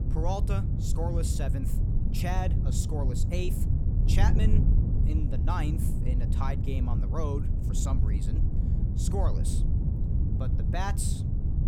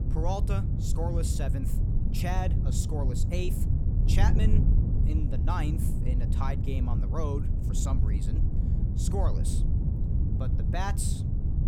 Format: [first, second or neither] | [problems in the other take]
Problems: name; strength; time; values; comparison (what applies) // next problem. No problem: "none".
neither | wind noise on the microphone; heavy; 4 dB below the speech; the same in both